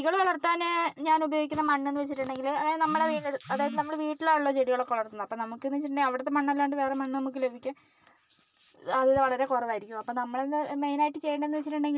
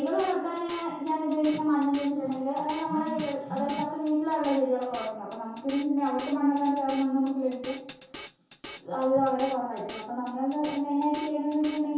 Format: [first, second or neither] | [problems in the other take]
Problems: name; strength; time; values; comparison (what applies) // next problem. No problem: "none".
first | background sound (Drum kit); 19 dB below the speech // room echo; dies away in 0.8 s